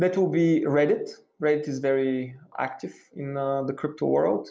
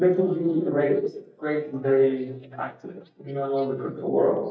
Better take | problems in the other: first | noise reduction (neural mask model DeepFilterNet 3)

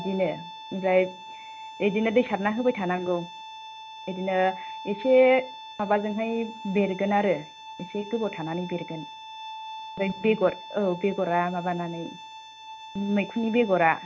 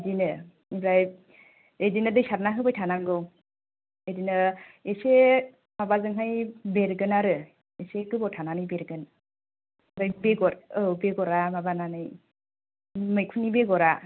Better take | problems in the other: second | background sound (Bowed string instrument); 15 dB below the speech

